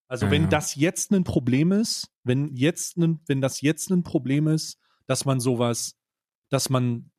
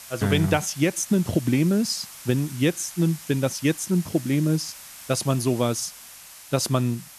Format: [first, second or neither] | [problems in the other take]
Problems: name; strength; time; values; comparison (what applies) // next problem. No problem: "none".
first | hiss; noticeable; throughout; 15 dB below the speech